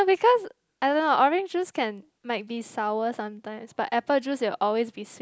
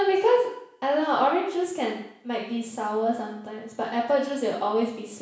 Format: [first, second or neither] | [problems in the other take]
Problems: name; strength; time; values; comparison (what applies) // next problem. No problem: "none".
first | room echo; dies away in 0.7 s